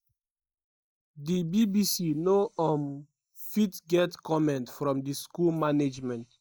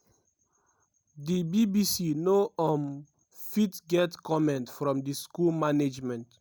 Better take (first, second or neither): second